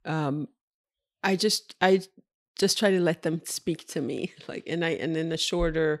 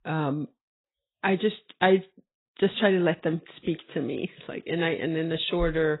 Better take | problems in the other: first | garbled, watery; badly; nothing above 4 kHz

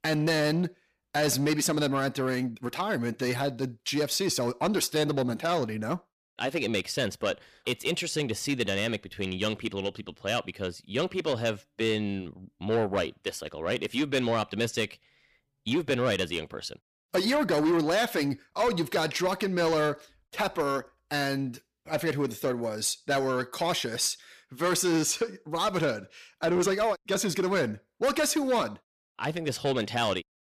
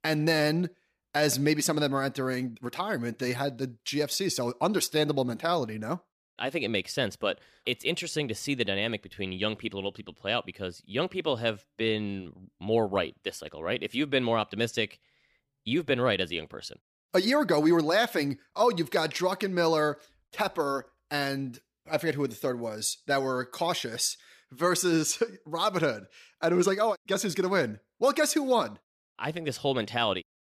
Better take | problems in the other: second | distortion; slight; 10 dB below the speech

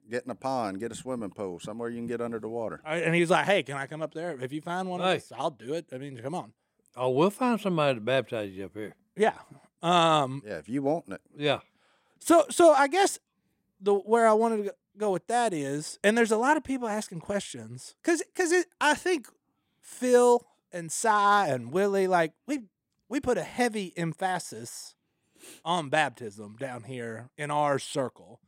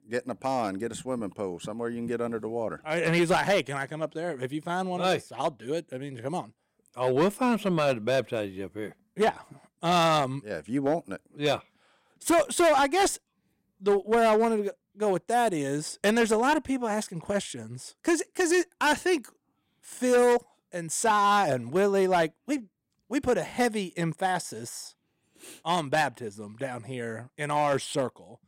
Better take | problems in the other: first | distortion; slight; 4% of the sound clipped

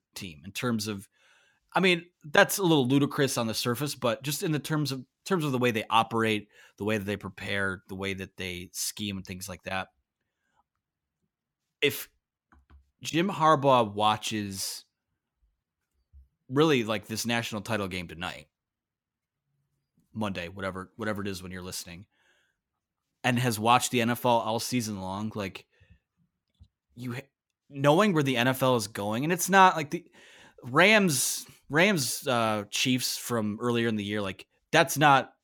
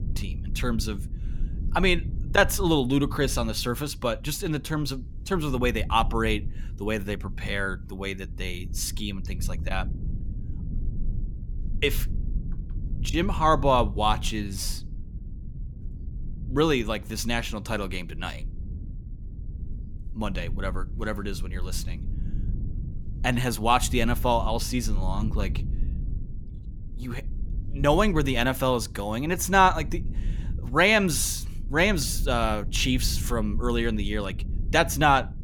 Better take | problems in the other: first | low rumble; faint; throughout; 25 dB below the speech

